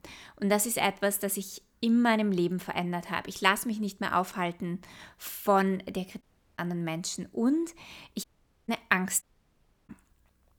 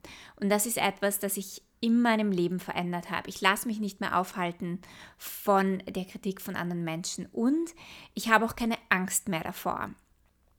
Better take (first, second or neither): second